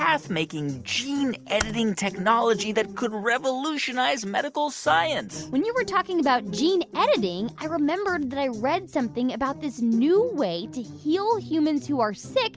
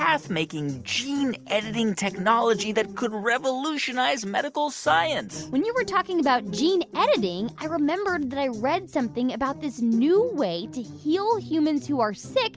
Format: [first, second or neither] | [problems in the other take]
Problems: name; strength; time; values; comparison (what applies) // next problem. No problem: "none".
second | background sound (Computer keyboard); 13 dB below the speech